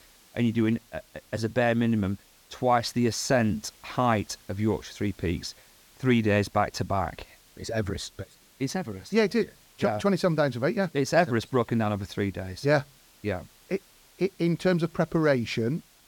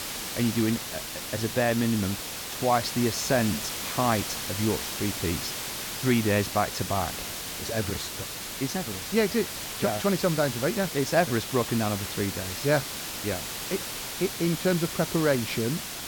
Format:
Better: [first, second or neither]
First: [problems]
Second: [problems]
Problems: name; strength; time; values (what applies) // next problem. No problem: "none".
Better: first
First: hiss; faint; throughout; 30 dB below the speech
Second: hiss; loud; throughout; 4 dB below the speech